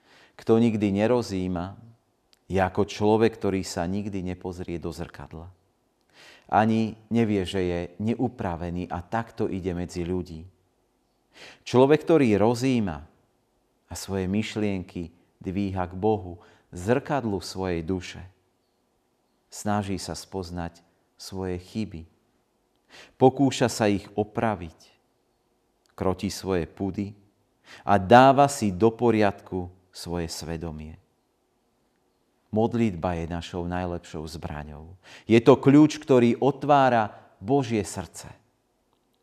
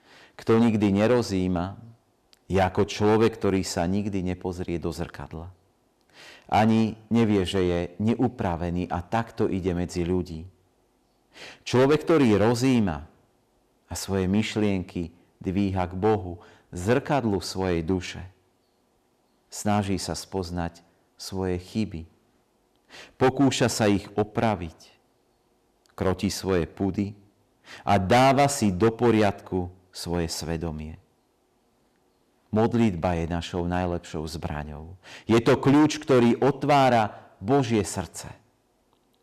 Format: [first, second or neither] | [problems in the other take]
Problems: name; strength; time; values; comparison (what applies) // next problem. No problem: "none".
first | distortion; heavy; 4% of the sound clipped